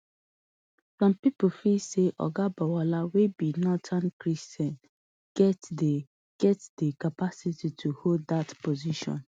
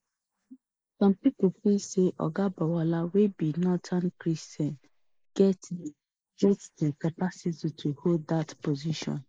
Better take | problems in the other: first | noise reduction (neural mask model Resemble Enhance denoiser)

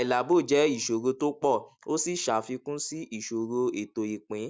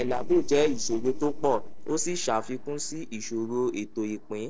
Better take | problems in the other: first | noise reduction (neural separator model SepFormer DNS4)

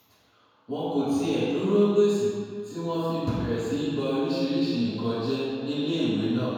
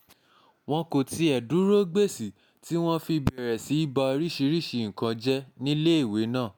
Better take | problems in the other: second | room echo; dies away in 1.9 s

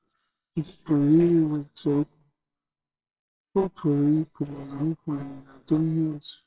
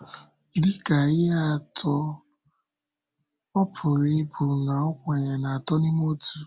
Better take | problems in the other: second | noise reduction (neural separator model SepFormer WHAMR!)

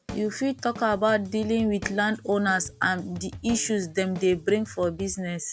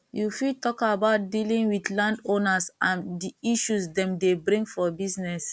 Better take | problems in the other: second | background sound (Drum kit); 16 dB below the speech

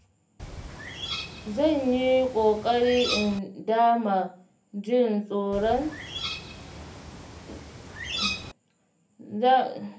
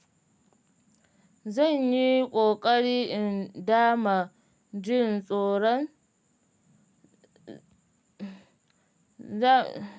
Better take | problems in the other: second | background sound (Bird); 9 dB below the speech // room echo; dies away in 0.3 s

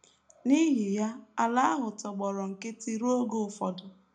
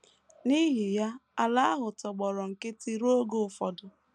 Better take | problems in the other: second | room echo; dies away in 0.2 s

